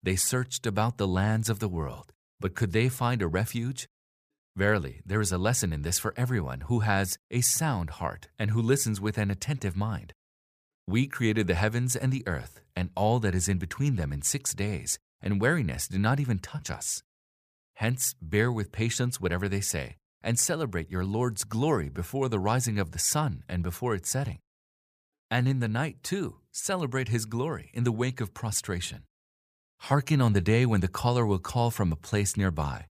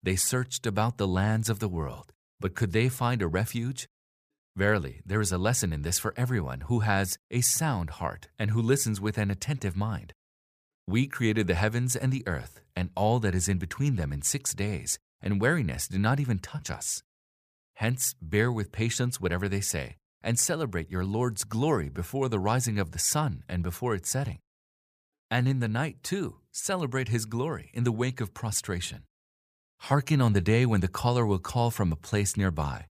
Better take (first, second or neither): neither